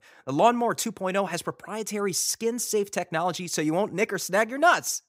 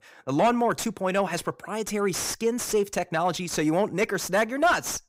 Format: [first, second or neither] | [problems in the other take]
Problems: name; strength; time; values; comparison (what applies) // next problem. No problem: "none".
first | distortion; slight; 10 dB below the speech